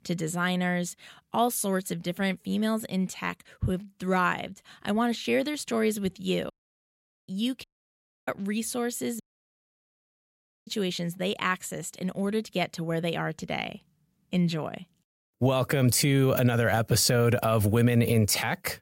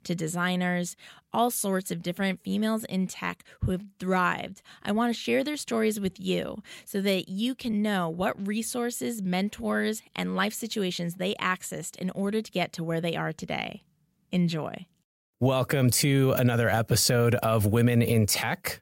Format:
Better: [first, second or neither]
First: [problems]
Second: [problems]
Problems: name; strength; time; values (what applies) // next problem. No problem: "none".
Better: second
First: audio cutting out; at 6.5 s for 1 s, at 7.5 s for 0.5 s and at 9 s for 1.5 s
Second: none